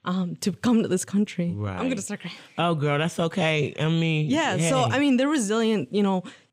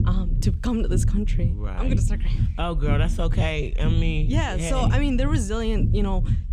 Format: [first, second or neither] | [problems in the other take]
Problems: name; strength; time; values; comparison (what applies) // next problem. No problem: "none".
first | low rumble; loud; throughout; 9 dB below the speech